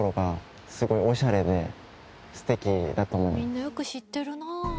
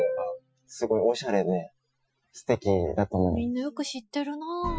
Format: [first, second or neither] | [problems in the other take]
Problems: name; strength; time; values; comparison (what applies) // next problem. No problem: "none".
first | noise reduction (classical method Wiener filter)